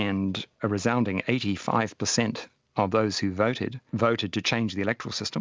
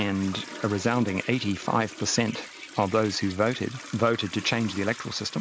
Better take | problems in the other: first | background sound (Toilet flush); 15 dB below the speech

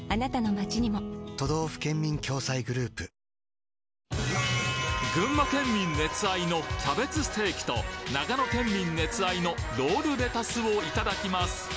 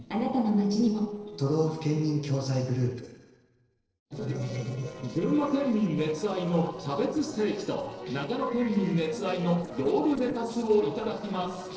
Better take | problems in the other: first | noise reduction (neural separator model SepFormer DNS4)

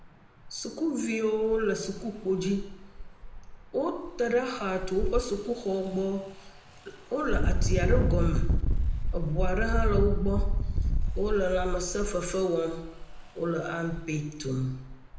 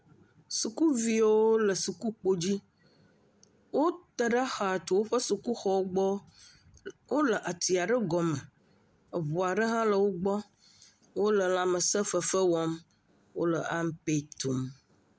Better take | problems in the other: second | background sound (Engine); 1 dB above the speech // room echo; dies away in 0.8 s

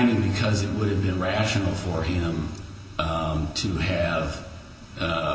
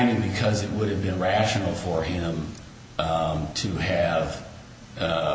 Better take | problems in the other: second | background sound (Bowed string instrument); 17 dB below the speech // room echo; dies away in 0.5 s

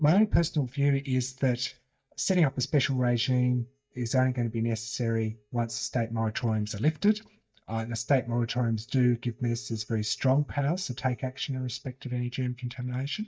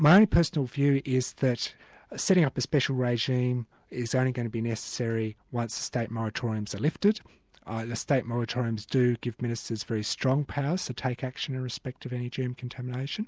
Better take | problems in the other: second | noise reduction (neural mask model DeepFilterNet 3)

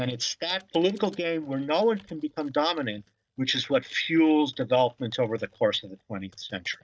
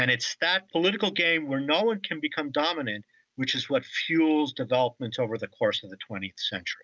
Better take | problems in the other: second | noise reduction (neural mask model DeepFilterNet 3)

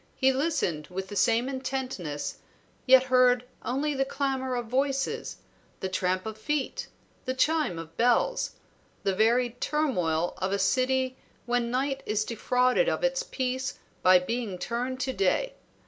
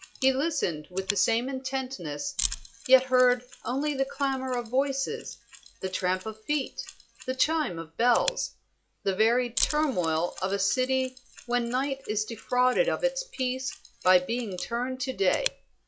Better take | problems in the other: first | noise reduction (classical method log-MMSE)

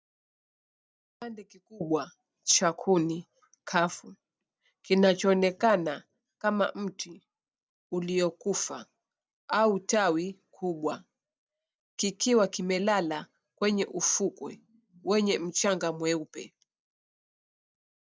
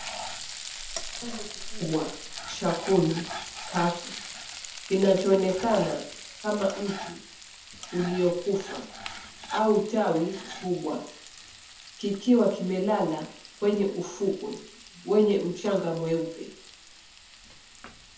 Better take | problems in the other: first | background sound (Frying (food)); 12 dB below the speech // room echo; dies away in 0.5 s

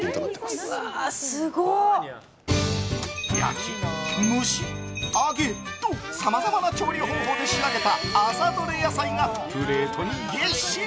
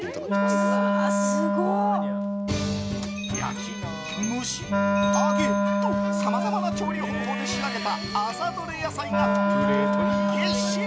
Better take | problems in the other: first | background sound (Wind instrument, woodwind instrument); 5 dB above the speech

